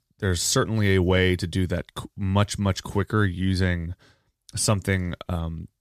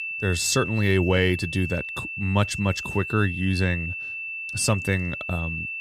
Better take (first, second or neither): first